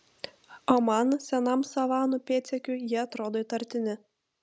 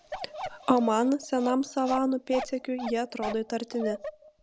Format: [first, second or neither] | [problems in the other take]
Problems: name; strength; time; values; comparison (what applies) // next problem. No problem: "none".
first | background sound (Bark); 11 dB below the speech